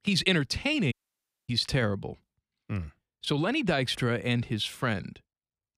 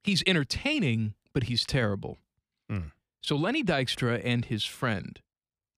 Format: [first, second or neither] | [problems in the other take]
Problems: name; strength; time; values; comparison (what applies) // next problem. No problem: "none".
second | audio cutting out; at 1 s for 0.5 s